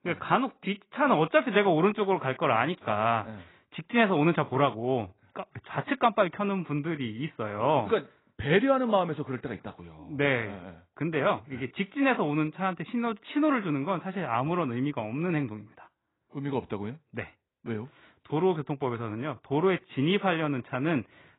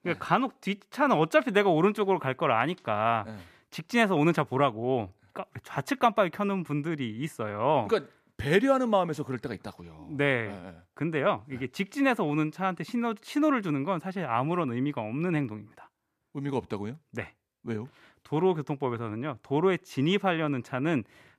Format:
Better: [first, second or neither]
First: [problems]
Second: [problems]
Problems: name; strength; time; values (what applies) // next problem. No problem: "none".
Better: second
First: garbled, watery; badly; nothing above 4 kHz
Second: none